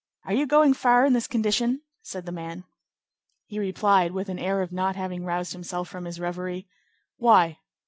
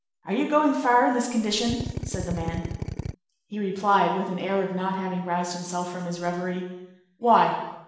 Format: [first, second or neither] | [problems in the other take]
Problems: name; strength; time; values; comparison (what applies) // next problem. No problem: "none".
first | background sound (Drill); 6 dB below the speech // room echo; dies away in 0.9 s